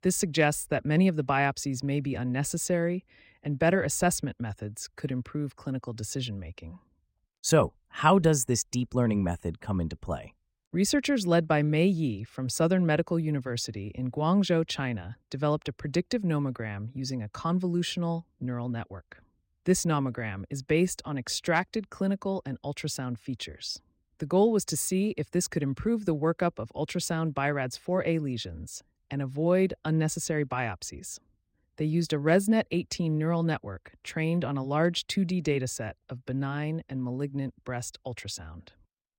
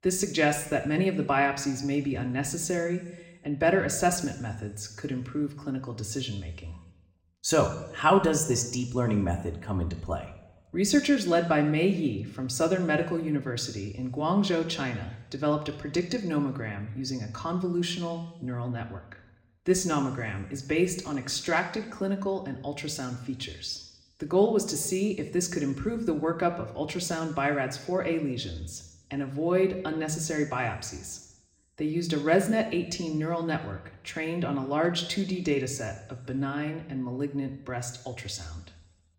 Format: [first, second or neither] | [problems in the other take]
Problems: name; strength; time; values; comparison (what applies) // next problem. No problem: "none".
first | room echo; very slight; dies away in 0.8 s